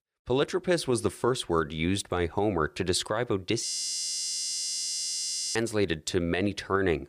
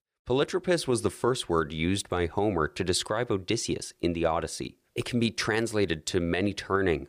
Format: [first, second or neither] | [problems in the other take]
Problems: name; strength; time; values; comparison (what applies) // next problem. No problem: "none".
second | audio freezing; at 3.5 s for 2 s